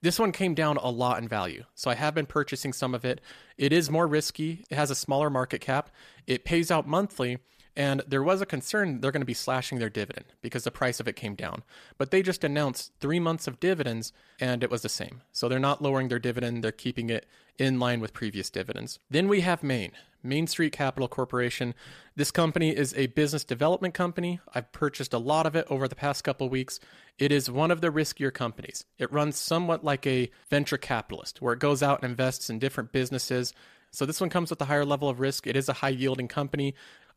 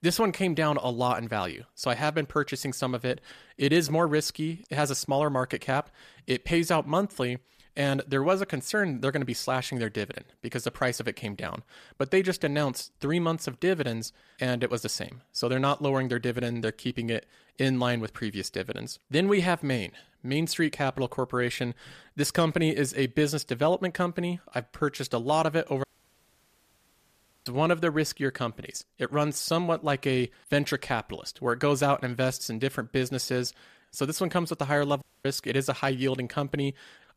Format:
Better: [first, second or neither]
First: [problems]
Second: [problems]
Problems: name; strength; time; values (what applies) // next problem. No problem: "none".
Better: first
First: none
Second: audio cutting out; at 26 s for 1.5 s and at 35 s